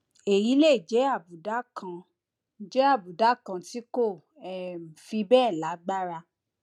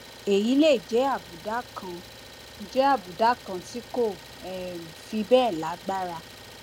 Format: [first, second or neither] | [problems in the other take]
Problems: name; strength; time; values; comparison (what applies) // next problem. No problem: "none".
first | background sound (Idling); 18 dB below the speech